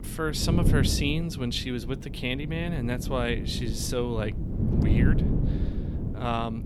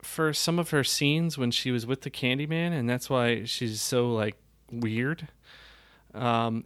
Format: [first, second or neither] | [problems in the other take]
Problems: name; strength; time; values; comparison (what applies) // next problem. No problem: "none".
second | wind noise on the microphone; heavy; 7 dB below the speech